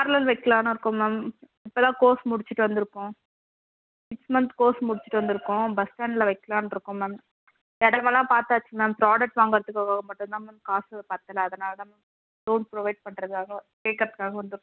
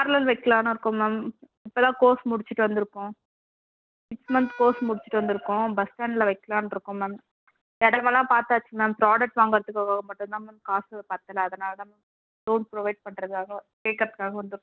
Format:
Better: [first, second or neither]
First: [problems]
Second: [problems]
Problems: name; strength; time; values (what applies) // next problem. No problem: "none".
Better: first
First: none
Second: noise reduction (neural separator model SepFormer DNS4)